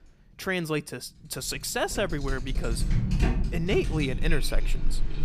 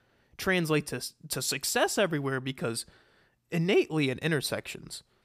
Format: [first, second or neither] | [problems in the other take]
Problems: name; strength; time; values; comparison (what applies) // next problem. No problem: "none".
second | household noises; loud; throughout; as loud as the speech